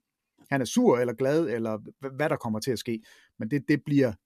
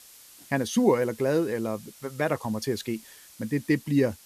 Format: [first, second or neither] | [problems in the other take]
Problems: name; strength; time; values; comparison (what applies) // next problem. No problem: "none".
first | hiss; faint; throughout; 20 dB below the speech